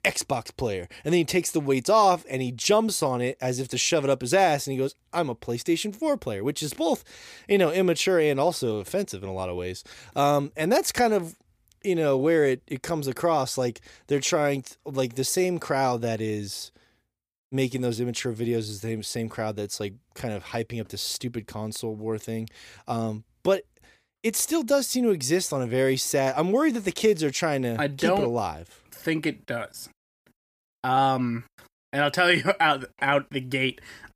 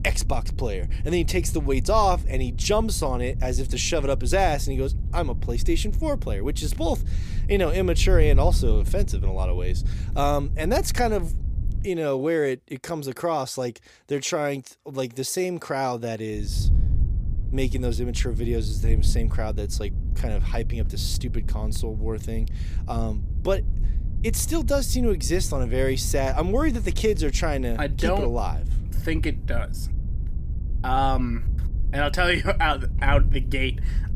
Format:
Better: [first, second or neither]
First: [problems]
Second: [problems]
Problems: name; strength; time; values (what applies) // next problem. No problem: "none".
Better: first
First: none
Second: wind noise on the microphone; occasional gusts; until 12 s and from 16 s on; 20 dB below the speech